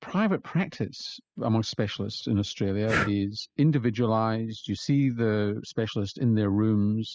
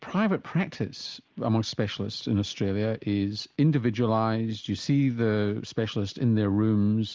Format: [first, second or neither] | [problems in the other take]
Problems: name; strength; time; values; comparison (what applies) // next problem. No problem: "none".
second | noise reduction (classical method spectral subtraction)